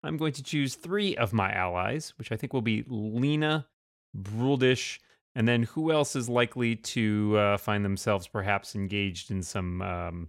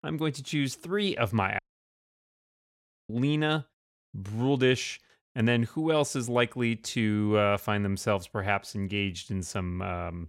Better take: first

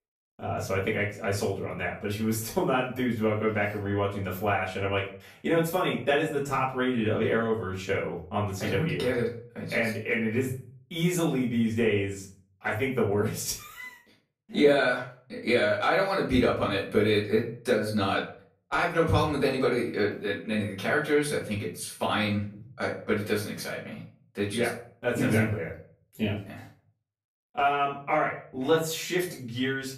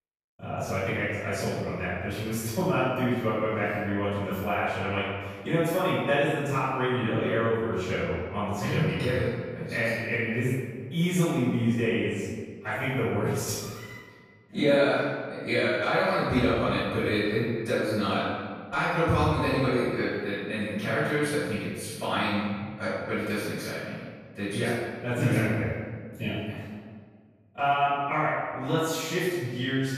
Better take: first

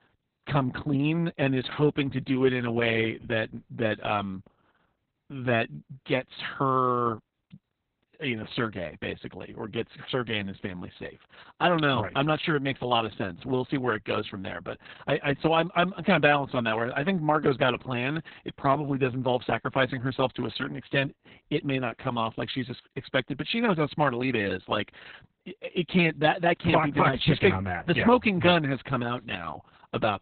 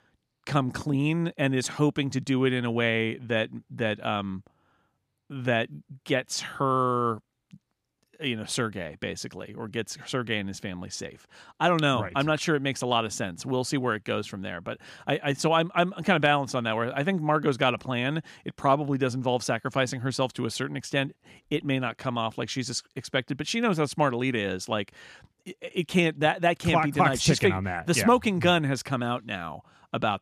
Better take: second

